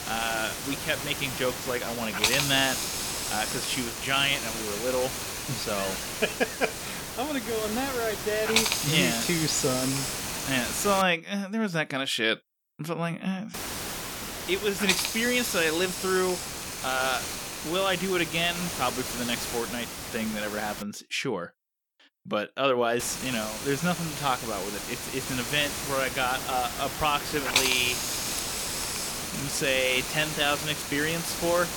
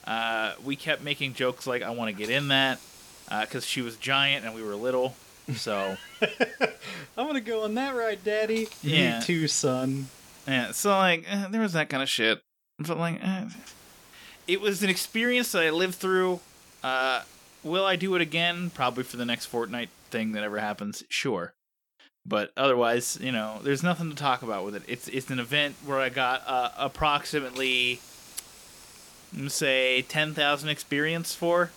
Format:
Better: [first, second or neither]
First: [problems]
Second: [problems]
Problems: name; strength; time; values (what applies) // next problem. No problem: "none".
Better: second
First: hiss; loud; until 11 s, from 14 to 21 s and from 23 s on; 2 dB below the speech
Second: hiss; faint; until 11 s, from 14 to 21 s and from 23 s on; 20 dB below the speech